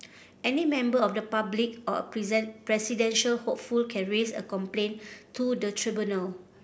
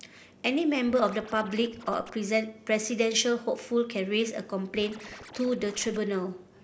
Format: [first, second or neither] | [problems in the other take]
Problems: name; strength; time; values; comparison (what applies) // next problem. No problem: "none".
first | background sound (Scratching (performance technique)); 19 dB below the speech